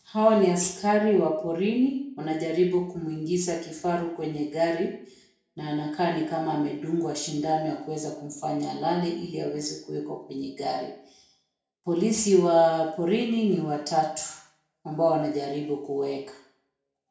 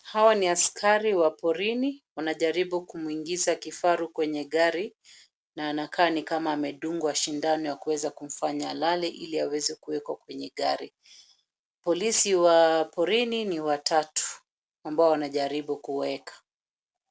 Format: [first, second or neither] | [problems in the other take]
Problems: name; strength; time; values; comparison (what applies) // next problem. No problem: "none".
second | room echo; dies away in 0.5 s